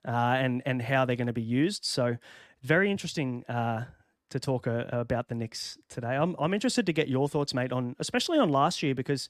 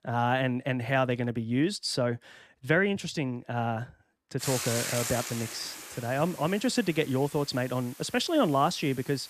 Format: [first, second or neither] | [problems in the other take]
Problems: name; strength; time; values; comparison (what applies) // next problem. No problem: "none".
first | hiss; loud; from 4.5 s on; 7 dB below the speech